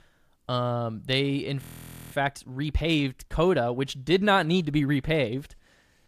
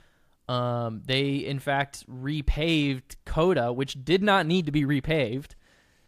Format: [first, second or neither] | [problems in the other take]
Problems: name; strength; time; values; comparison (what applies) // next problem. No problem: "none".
second | audio freezing; at 1.5 s for 0.5 s